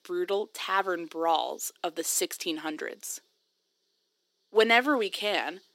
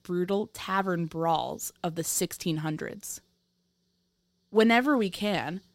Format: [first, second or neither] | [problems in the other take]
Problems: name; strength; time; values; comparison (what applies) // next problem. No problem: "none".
second | thin; somewhat; fading below 300 Hz